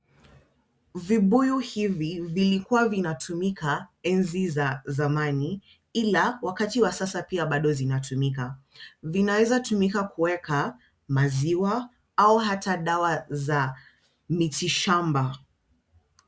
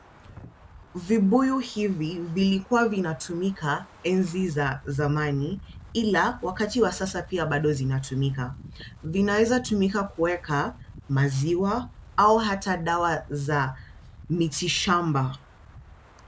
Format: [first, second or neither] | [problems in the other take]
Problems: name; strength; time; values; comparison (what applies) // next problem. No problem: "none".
first | background sound (Wind); 19 dB below the speech